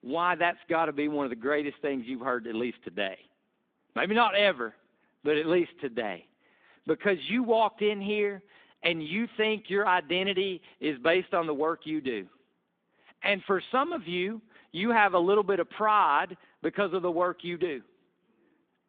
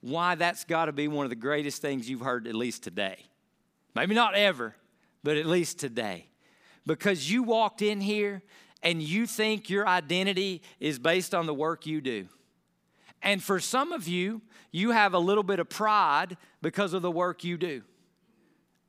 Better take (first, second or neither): second